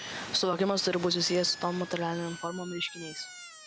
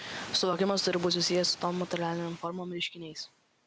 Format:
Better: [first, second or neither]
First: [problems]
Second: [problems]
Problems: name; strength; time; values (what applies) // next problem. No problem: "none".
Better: second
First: background sound (Squeak); 17 dB below the speech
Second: none